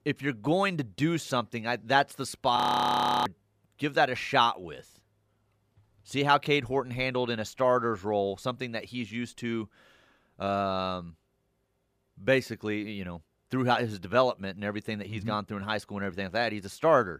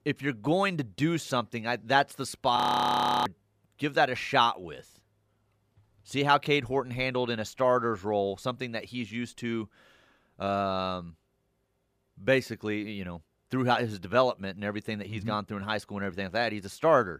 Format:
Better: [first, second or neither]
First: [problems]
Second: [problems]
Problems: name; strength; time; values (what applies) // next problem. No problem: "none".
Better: neither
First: audio freezing; at 2.5 s for 0.5 s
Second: audio freezing; at 2.5 s for 0.5 s